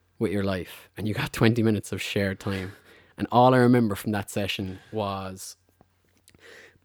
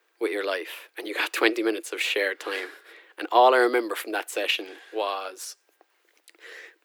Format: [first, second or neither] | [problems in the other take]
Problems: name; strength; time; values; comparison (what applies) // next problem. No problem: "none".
first | thin; very; fading below 350 Hz